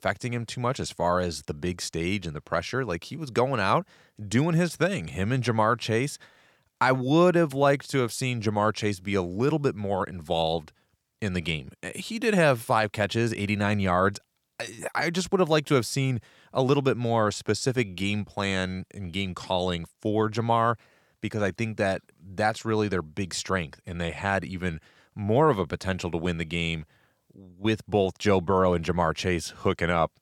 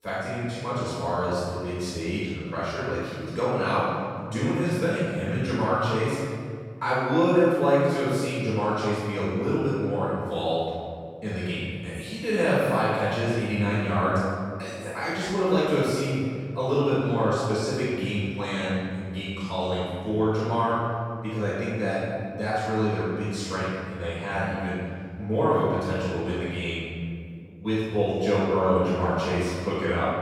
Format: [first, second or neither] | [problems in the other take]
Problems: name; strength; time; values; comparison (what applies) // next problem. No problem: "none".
first | room echo; strong; dies away in 1.9 s // off-mic speech; far